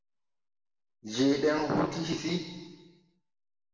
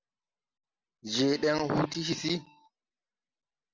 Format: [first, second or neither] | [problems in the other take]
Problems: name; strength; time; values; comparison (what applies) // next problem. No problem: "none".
second | room echo; dies away in 1.3 s